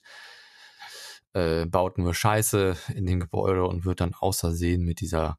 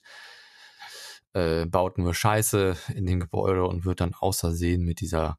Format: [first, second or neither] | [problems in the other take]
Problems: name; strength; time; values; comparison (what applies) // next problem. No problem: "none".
neither | none